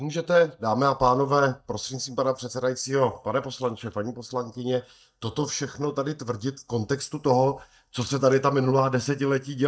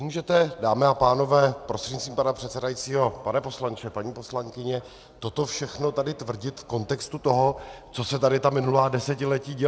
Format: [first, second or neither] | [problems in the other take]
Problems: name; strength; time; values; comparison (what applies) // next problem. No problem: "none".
second | noise reduction (neural mask model DeepFilterNet 3)